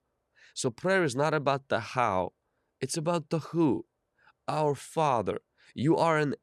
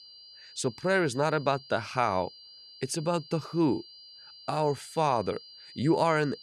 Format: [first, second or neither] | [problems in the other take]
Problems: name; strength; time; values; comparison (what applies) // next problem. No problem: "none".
first | high-pitched whine; noticeable; throughout; 4.5 kHz, 20 dB below the speech